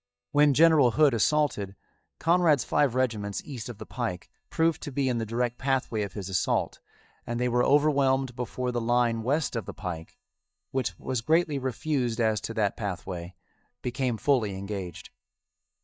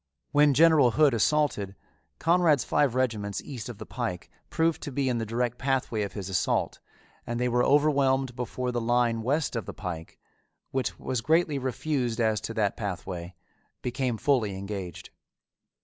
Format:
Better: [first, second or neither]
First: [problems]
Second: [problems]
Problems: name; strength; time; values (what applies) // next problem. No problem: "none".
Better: second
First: noise reduction (neural mask model DeepFilterNet 3)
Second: none